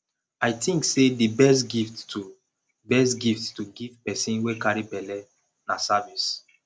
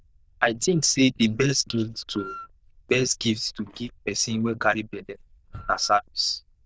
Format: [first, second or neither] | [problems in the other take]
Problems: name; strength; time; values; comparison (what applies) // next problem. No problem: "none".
first | noise reduction (neural diffusion model UNIVERSE++)